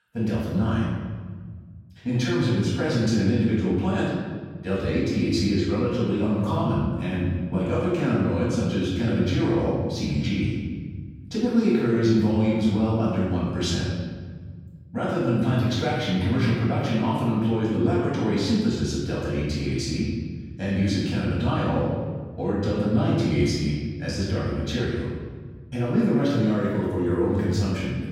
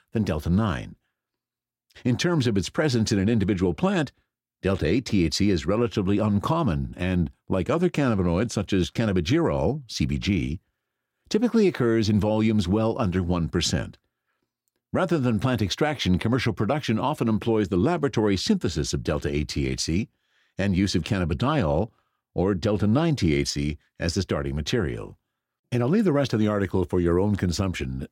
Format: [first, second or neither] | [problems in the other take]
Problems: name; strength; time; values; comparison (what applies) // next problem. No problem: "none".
second | off-mic speech; far // room echo; strong; dies away in 1.6 s